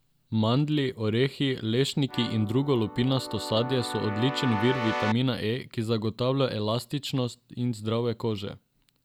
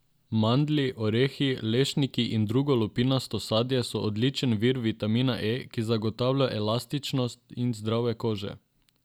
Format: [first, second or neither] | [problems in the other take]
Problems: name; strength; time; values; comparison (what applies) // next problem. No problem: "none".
second | background sound (Keyboard (musical)); 7 dB below the speech